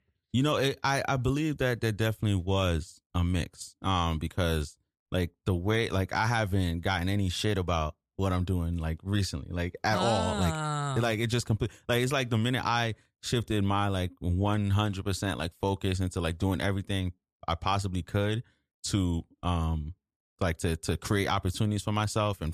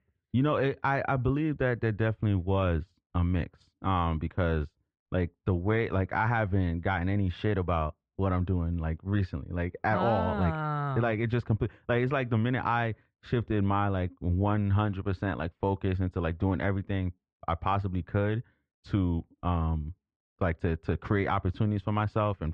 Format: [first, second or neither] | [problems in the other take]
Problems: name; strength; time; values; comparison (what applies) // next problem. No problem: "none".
first | muffled; very; fading above 2 kHz